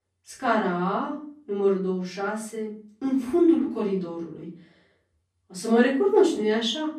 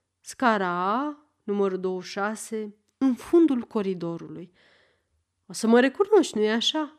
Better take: second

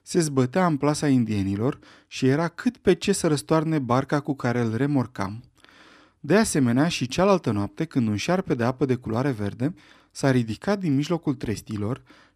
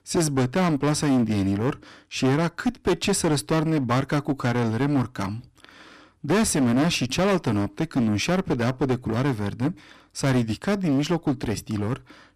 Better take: first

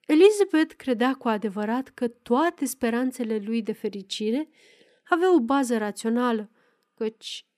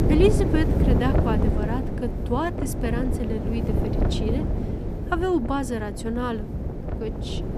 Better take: first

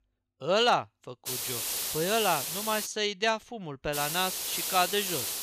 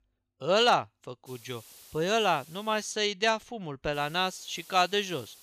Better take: second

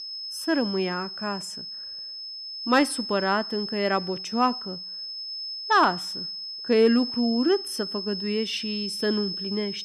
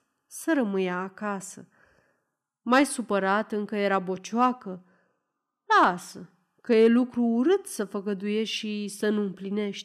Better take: second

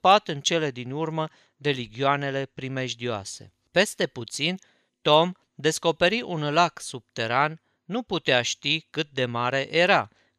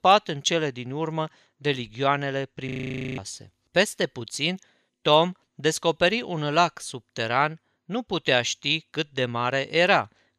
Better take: first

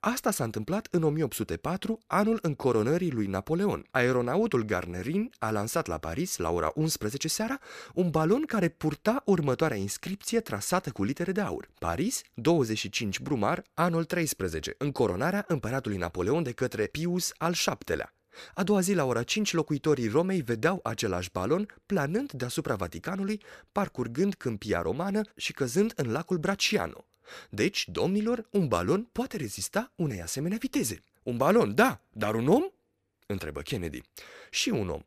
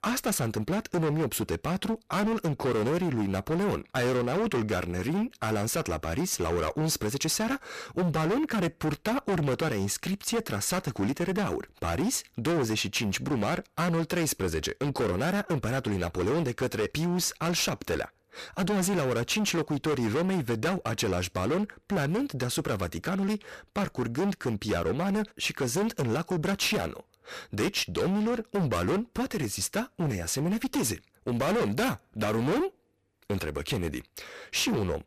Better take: first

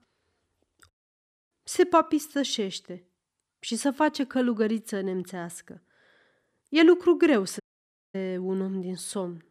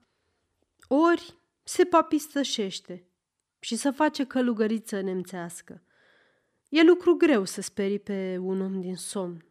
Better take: second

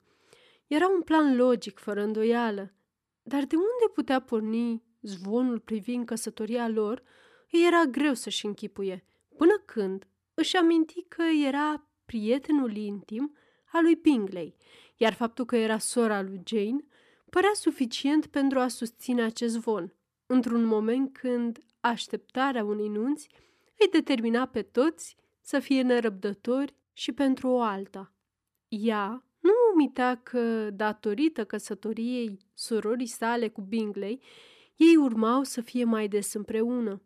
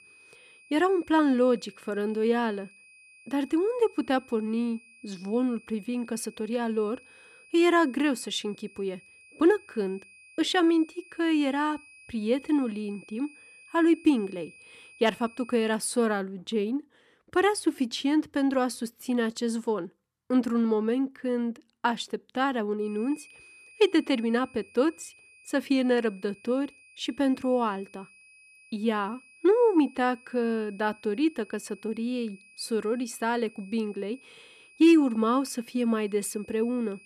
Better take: first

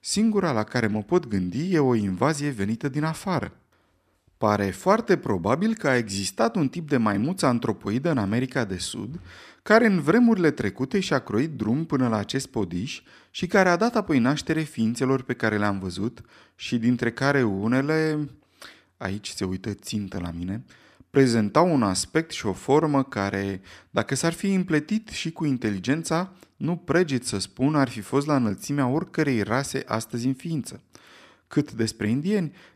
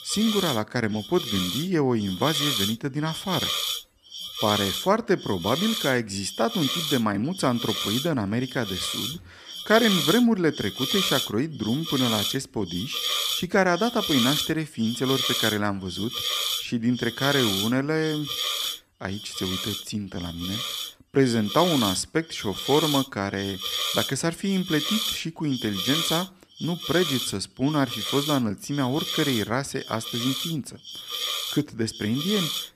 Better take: first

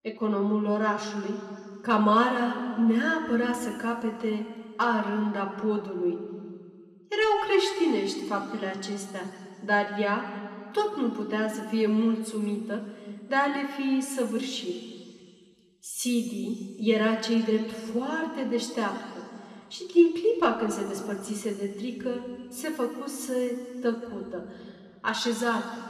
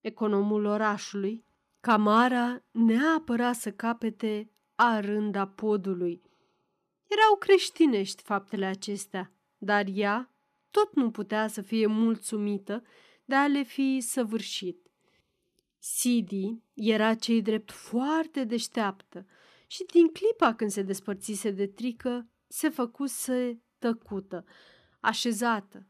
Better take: second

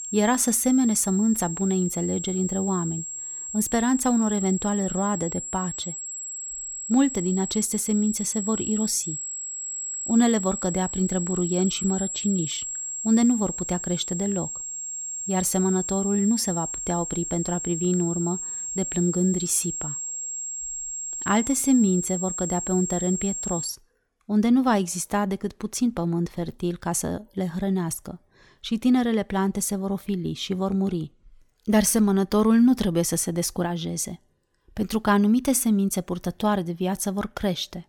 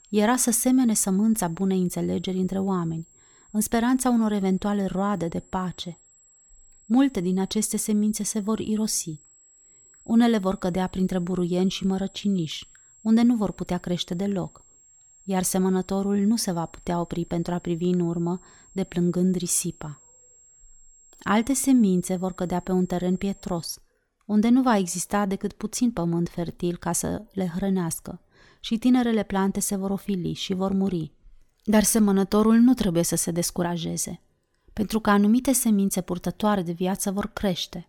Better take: second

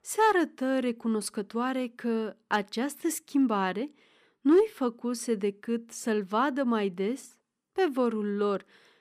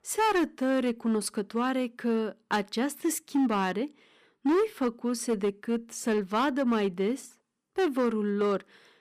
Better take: first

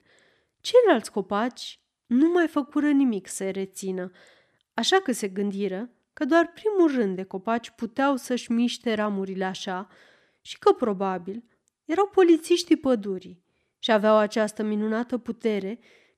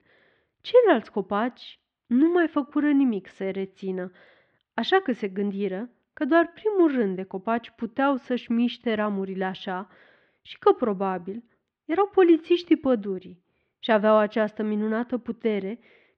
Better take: first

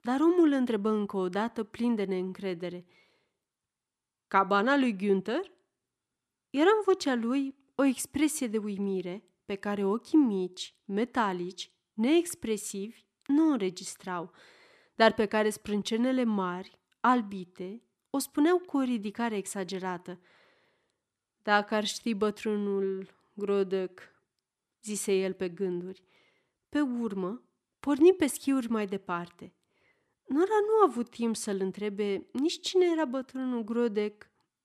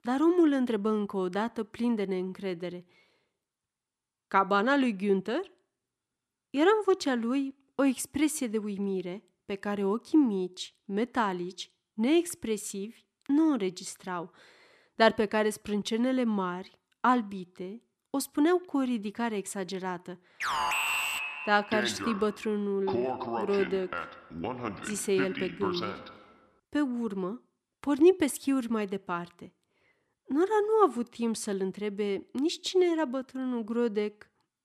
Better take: first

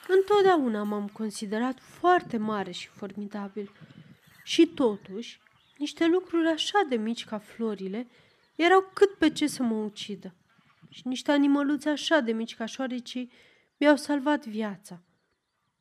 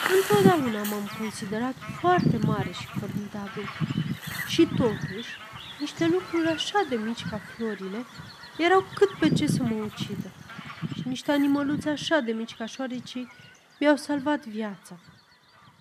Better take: first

